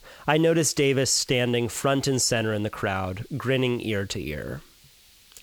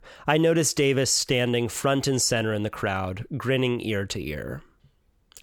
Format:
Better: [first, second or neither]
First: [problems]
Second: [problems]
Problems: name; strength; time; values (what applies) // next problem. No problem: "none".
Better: second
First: hiss; faint; throughout; 30 dB below the speech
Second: none